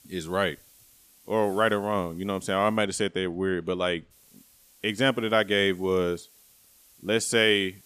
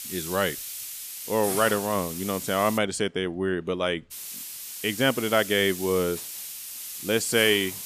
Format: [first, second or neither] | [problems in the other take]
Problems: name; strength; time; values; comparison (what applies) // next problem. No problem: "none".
first | hiss; loud; until 3 s and from 4 s on; 8 dB below the speech; faint in the first